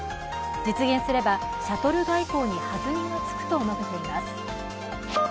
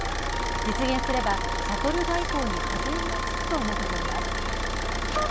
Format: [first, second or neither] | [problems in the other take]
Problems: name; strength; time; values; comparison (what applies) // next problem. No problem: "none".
first | background sound (Idling / Car); 1 dB above the speech